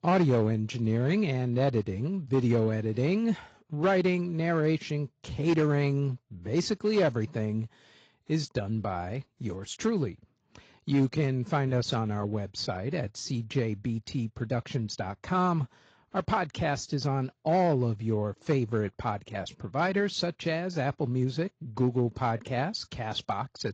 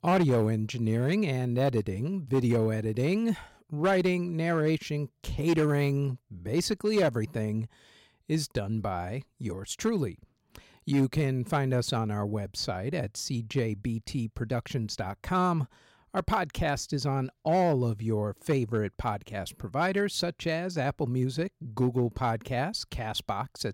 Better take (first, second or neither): second